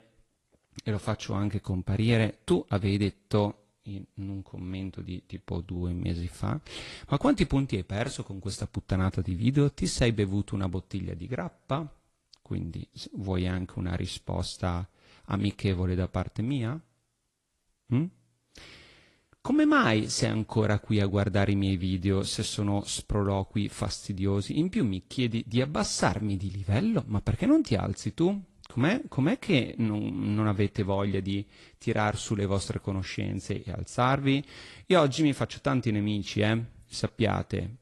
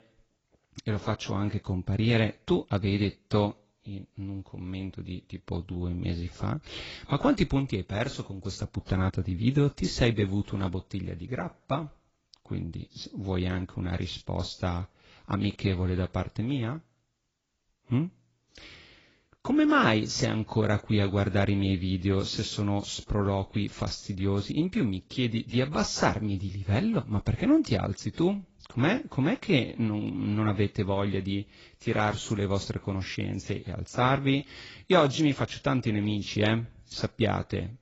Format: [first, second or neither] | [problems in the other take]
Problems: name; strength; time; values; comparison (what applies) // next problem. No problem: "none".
first | garbled, watery; badly; nothing above 7.5 kHz; slightly in the first